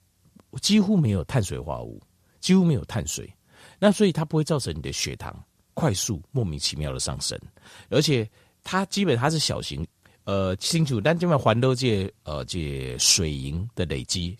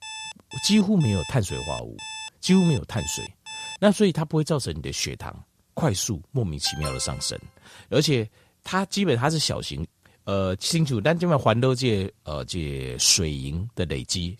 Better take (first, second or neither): first